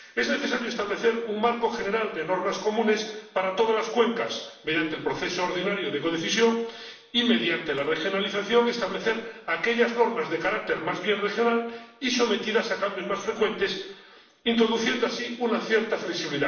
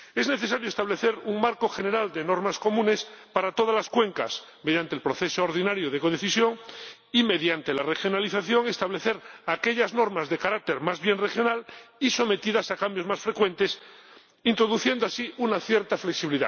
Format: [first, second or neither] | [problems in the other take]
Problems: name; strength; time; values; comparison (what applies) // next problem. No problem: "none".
second | room echo; dies away in 0.6 s